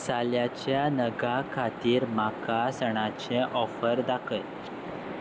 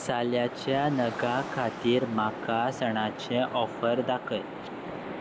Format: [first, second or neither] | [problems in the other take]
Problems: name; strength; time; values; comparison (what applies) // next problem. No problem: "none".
first | background sound (Car); 19 dB below the speech